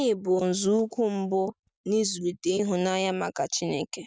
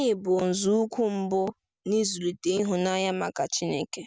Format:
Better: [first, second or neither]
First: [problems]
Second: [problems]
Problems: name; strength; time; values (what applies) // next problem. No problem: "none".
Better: second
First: noise reduction (neural mask model DeepFilterNet 3)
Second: none